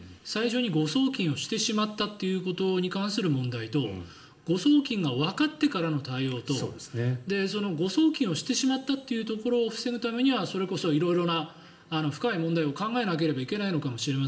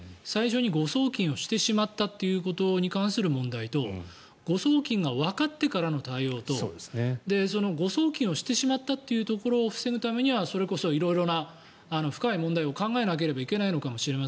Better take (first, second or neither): second